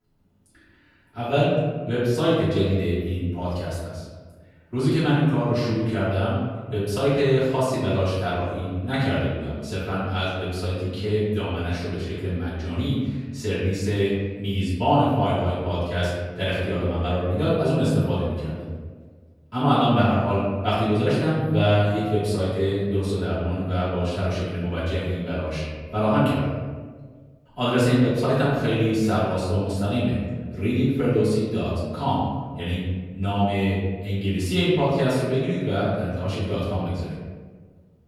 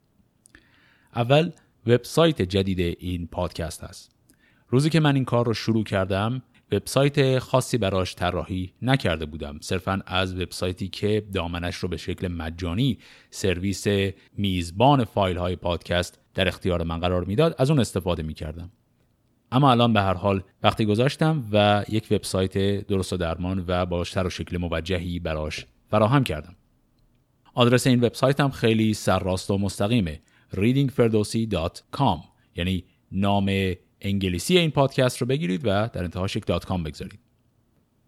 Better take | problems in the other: second | off-mic speech; far // room echo; noticeable; dies away in 1.4 s

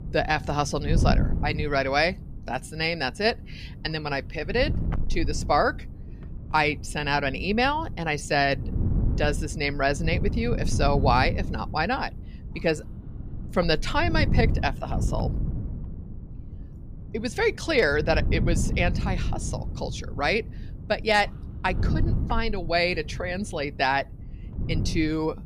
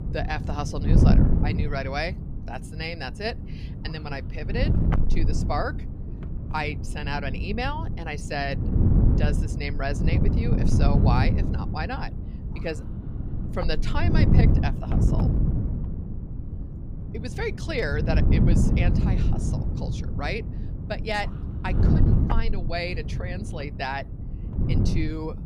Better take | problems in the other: first | wind noise on the microphone; heavy; 4 dB below the speech; occasional gusts in the first

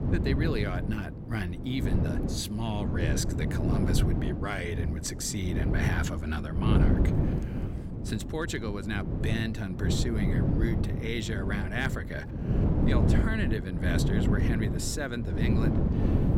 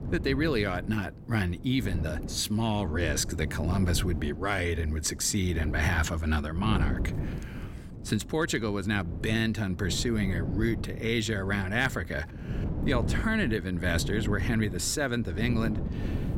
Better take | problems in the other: second | wind noise on the microphone; heavy; 2 dB below the speech; occasional gusts in the second

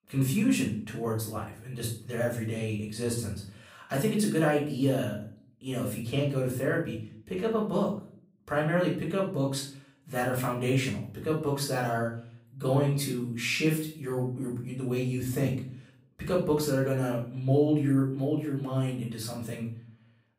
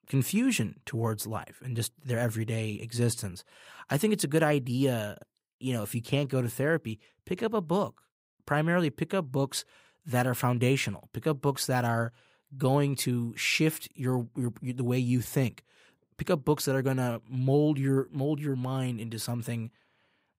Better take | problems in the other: second | off-mic speech; far // room echo; noticeable; dies away in 0.4 s

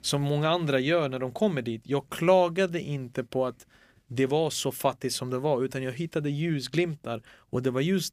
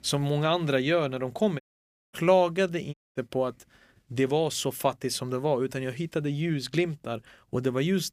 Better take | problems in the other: first | audio cutting out; at 1.5 s for 0.5 s and at 3 s

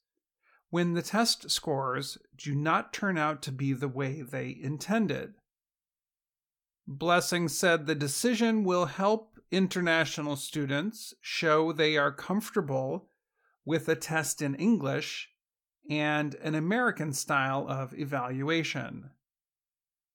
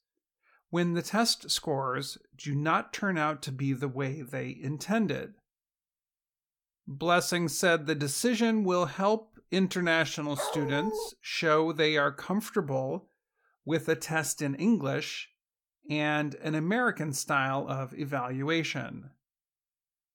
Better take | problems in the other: first | dog barking; noticeable; at 10 s; peak 5 dB below the speech

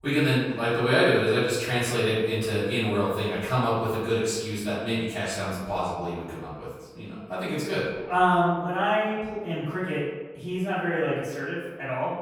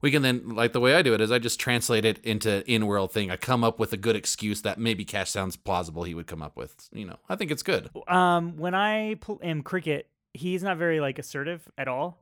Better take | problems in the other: second | off-mic speech; far // room echo; strong; dies away in 1.1 s

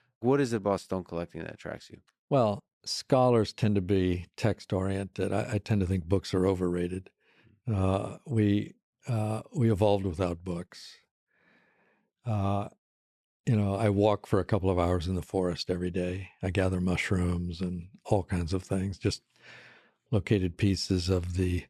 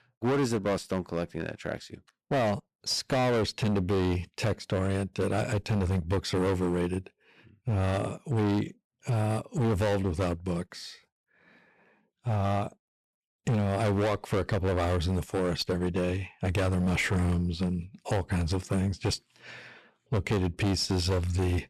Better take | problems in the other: first | distortion; heavy; 16% of the sound clipped

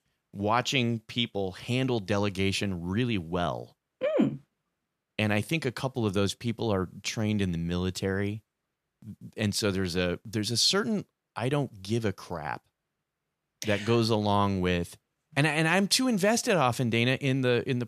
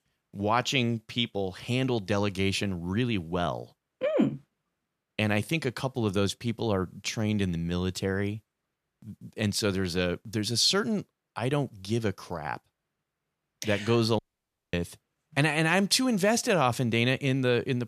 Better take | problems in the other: first | audio cutting out; at 14 s for 0.5 s

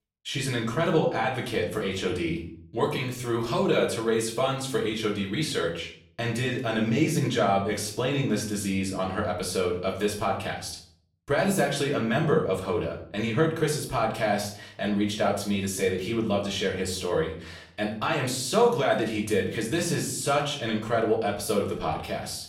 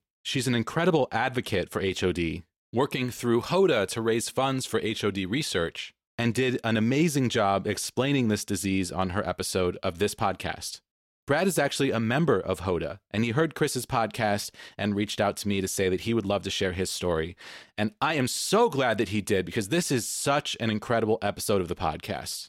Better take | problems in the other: second | room echo; slight; dies away in 0.5 s // off-mic speech; far

